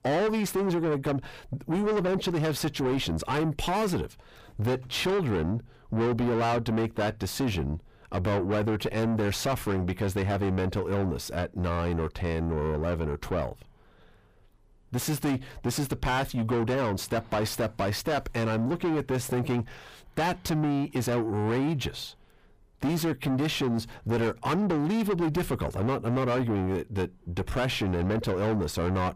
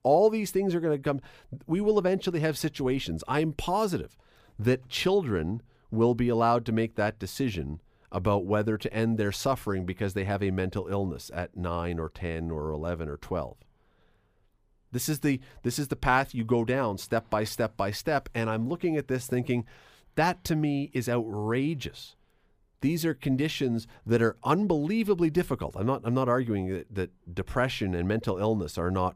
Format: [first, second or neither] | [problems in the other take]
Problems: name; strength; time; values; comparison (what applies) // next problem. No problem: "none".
second | distortion; heavy; 6 dB below the speech